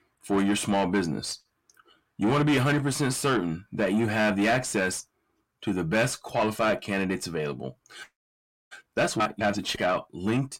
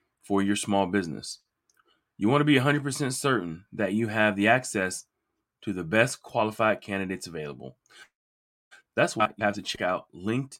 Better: second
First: distortion; heavy; 7 dB below the speech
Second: none

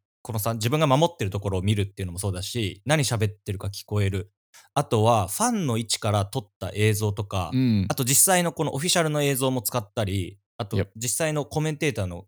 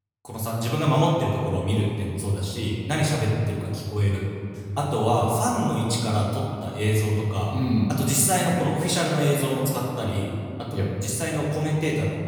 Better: first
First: none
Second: room echo; noticeable; dies away in 2.6 s // off-mic speech; far

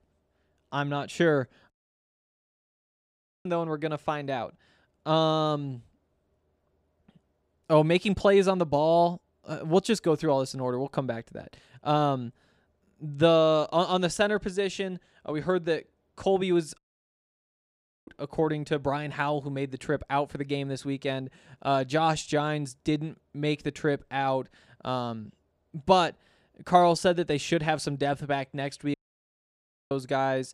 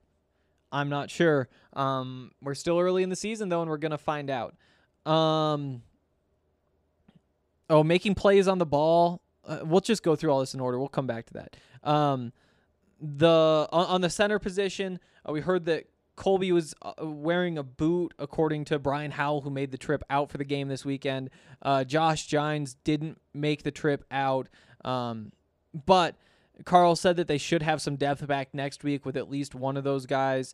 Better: second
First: audio cutting out; at 1.5 s for 2 s, at 17 s for 1.5 s and at 29 s for 1 s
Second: none

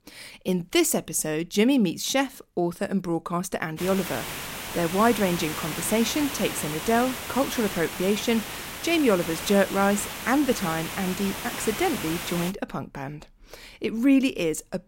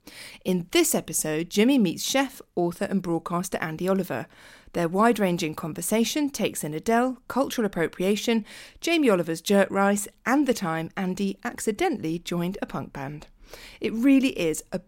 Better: second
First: hiss; loud; from 4 to 13 s; 7 dB below the speech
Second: none

